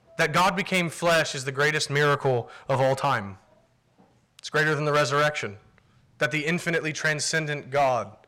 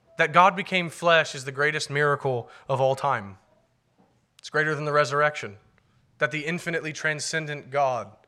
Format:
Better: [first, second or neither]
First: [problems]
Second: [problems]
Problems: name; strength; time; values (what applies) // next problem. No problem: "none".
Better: second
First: distortion; heavy; 7% of the sound clipped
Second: none